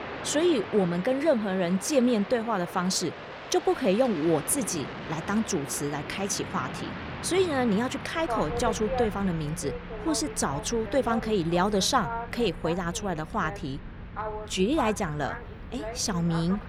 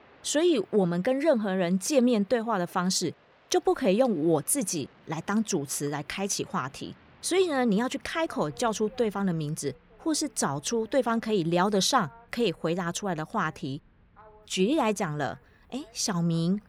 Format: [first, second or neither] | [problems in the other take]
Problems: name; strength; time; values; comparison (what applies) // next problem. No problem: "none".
second | train or aircraft noise; loud; throughout; 9 dB below the speech; faint in the second